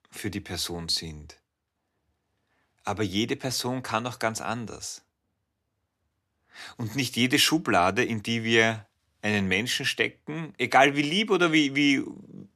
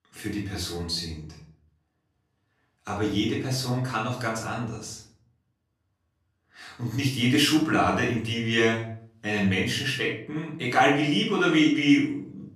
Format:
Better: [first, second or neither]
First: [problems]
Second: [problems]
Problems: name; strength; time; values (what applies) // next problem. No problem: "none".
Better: first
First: none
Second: off-mic speech; far // room echo; noticeable; dies away in 0.5 s